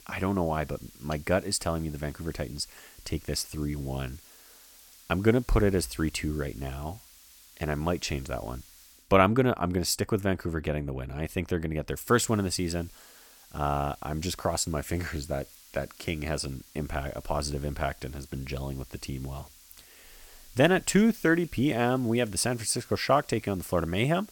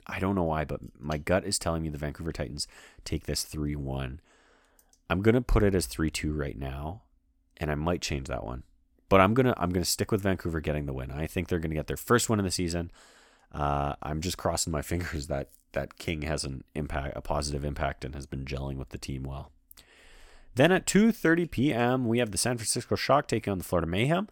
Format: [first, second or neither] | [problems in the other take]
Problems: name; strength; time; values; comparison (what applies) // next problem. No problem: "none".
second | hiss; faint; until 9 s and from 12 s on; 25 dB below the speech